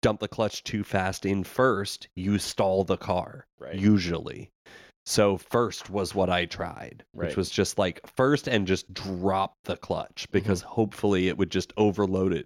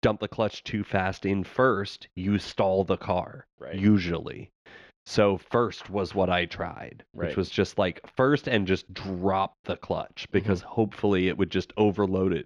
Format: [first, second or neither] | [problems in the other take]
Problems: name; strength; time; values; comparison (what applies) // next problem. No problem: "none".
first | muffled; very slightly; fading above 3 kHz